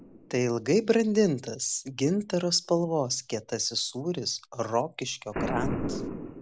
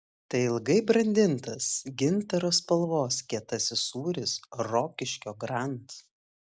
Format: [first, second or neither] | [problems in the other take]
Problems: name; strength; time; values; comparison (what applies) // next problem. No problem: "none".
second | background sound (Boom); 11 dB below the speech